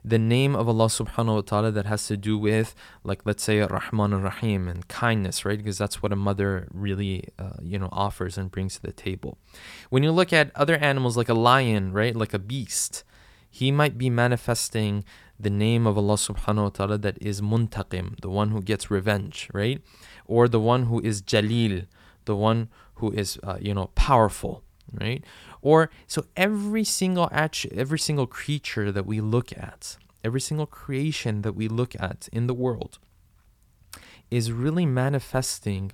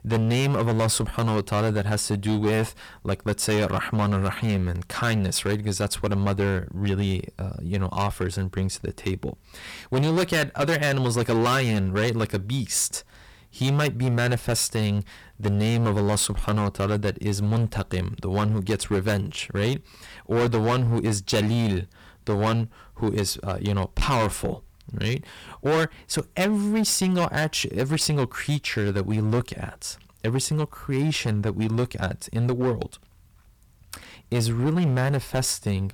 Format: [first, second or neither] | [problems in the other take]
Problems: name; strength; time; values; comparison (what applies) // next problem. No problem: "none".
first | distortion; heavy; 12% of the sound clipped